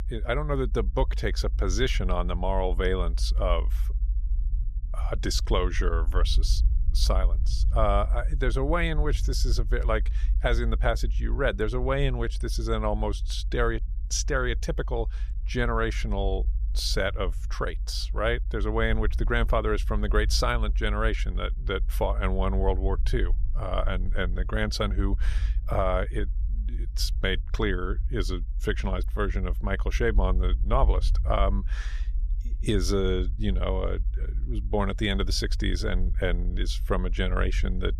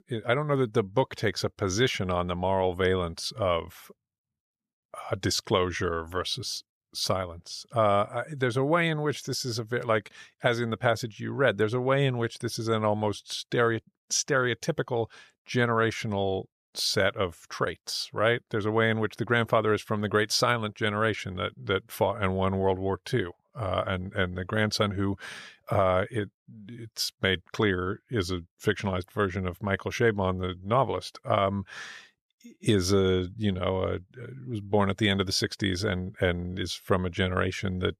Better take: second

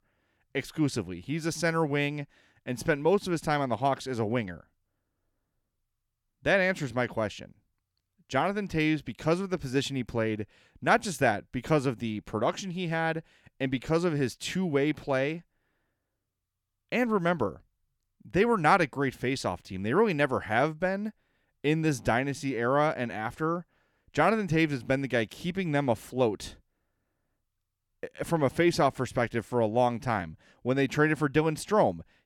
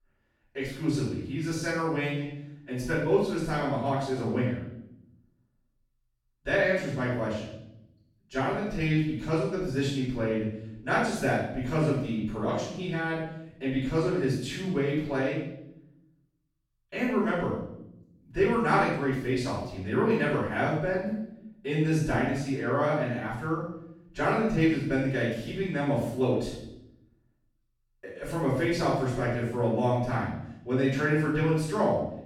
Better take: first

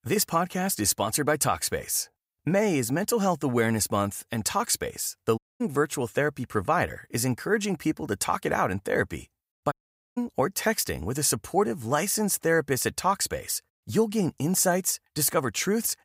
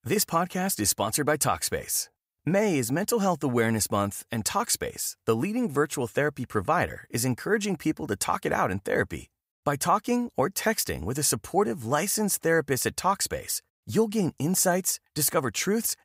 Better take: second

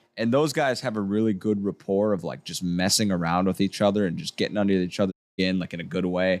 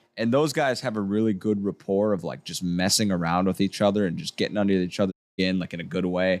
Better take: neither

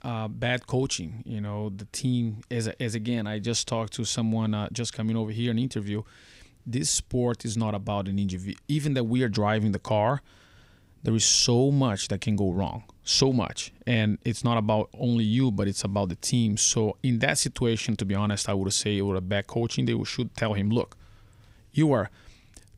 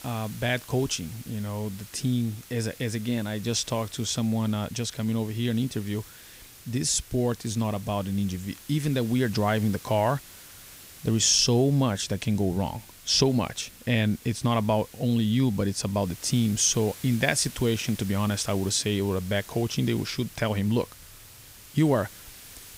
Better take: first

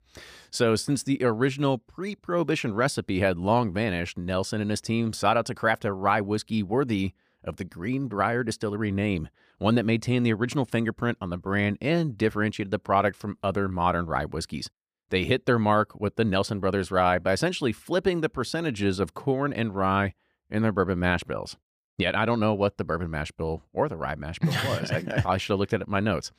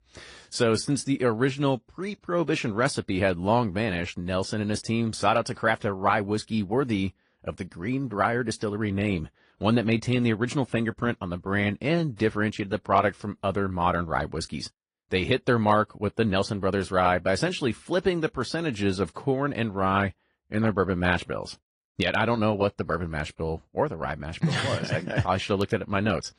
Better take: first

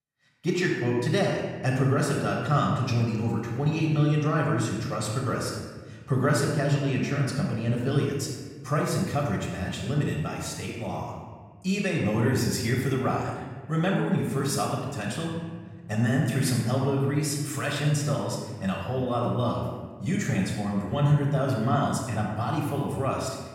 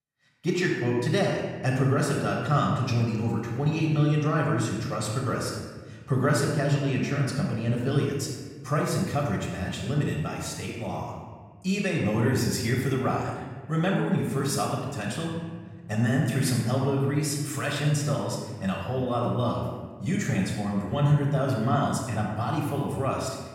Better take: neither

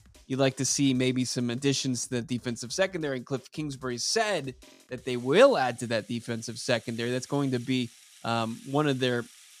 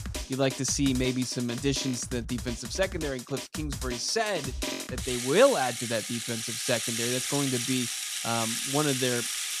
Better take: first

